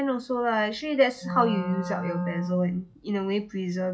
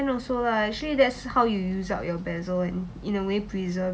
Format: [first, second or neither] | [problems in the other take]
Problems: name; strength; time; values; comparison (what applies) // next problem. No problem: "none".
second | noise reduction (classical method log-MMSE)